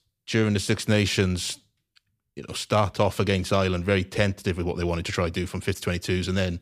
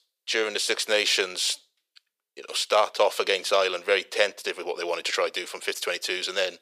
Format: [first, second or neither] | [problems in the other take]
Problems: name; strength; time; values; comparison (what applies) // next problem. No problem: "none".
first | thin; very; fading below 450 Hz